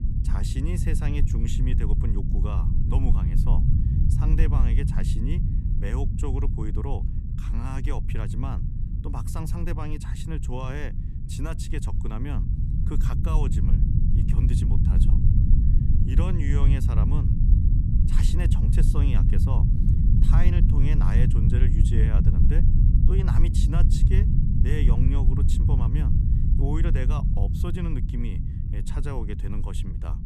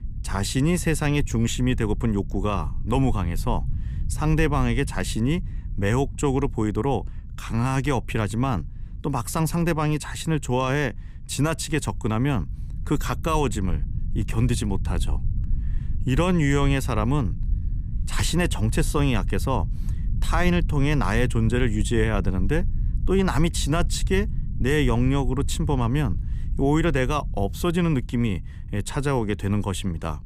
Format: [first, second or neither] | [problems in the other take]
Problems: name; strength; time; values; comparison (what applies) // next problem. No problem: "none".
second | low rumble; loud; throughout; as loud as the speech; faint in the second